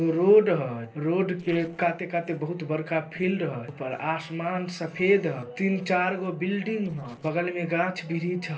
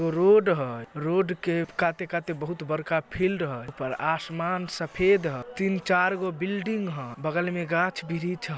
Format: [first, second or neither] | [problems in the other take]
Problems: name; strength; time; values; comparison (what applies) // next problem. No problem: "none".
second | noise reduction (neural separator model SepFormer DNS4)